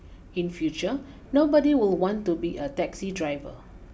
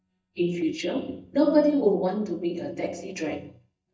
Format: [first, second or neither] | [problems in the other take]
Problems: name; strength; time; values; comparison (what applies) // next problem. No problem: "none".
first | noise reduction (neural mask model DeepFilterNet 3)